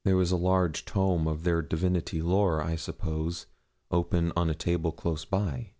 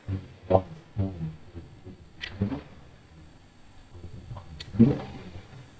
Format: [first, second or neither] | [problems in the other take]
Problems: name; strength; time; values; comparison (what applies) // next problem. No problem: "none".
first | noise reduction (neural mask model DeepFilterNet 3)